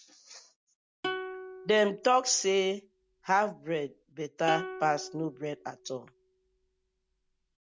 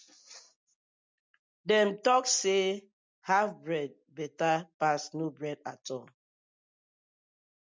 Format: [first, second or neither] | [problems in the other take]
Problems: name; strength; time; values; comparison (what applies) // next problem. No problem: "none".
second | background sound (Plucked string instrument); 11 dB below the speech